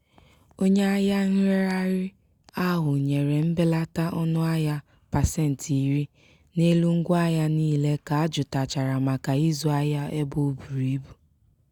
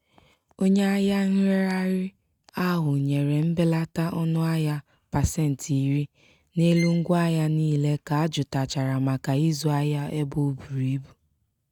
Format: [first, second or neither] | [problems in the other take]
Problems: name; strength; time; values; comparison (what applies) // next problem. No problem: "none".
first | noise reduction (neural mask model RNNoise)